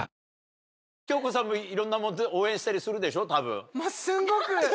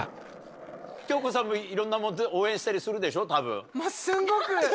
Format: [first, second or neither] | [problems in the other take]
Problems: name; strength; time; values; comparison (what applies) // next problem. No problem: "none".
first | background sound (Skateboard); 19 dB below the speech